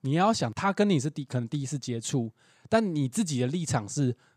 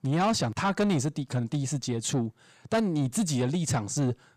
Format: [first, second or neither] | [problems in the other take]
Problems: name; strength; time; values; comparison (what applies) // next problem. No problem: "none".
first | distortion; slight; 10 dB below the speech